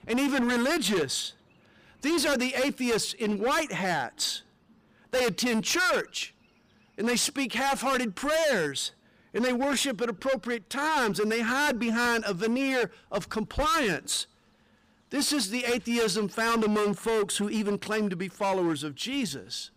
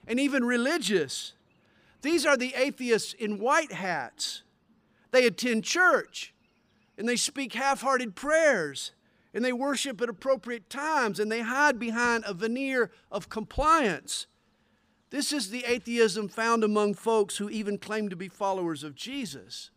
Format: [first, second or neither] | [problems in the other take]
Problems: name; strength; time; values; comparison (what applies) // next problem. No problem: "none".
second | distortion; heavy; 18% of the sound clipped